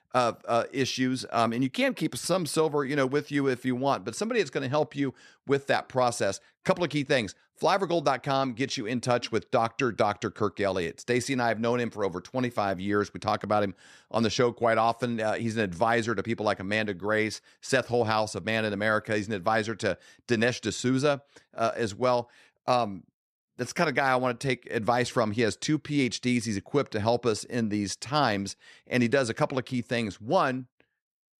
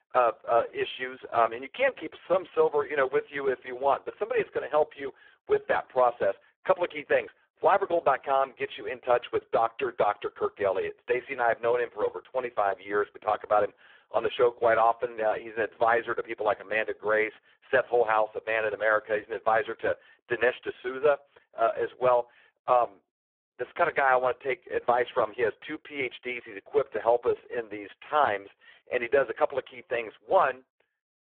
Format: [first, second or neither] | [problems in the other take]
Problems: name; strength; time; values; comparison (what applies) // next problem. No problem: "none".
first | phone-call audio; poor line